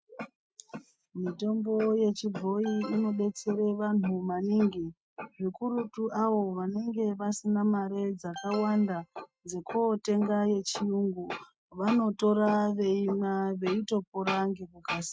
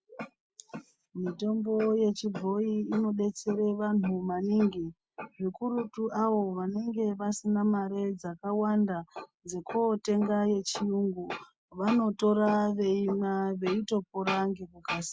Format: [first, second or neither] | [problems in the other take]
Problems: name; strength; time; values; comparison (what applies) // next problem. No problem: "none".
second | noise reduction (neural mask model RNNoise)